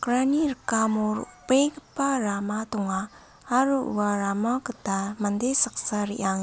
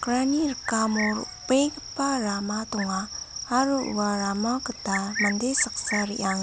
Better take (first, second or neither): first